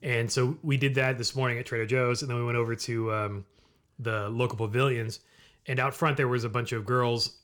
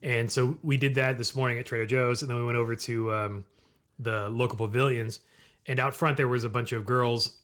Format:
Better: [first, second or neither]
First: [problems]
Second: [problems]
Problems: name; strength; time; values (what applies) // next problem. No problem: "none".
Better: first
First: none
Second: garbled, watery; slightly; nothing above 19 kHz